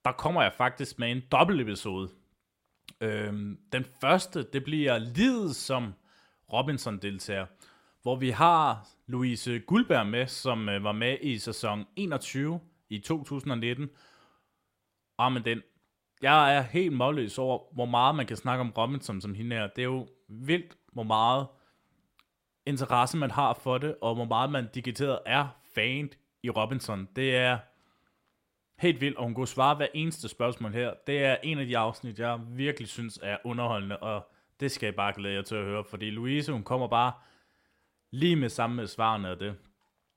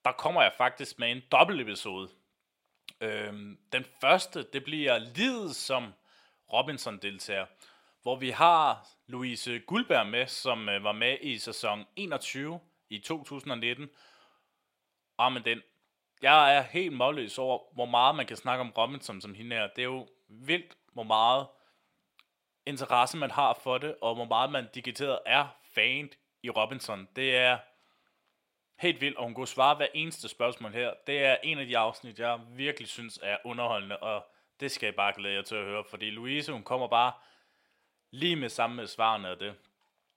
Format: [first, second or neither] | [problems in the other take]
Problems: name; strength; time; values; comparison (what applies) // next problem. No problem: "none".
first | thin; somewhat; fading below 800 Hz